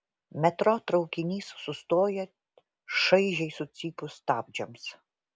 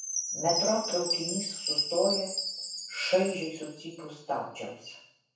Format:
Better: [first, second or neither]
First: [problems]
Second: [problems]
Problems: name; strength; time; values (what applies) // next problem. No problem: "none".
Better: first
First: none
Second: background sound (Chime); 3 dB below the speech // room echo; dies away in 0.6 s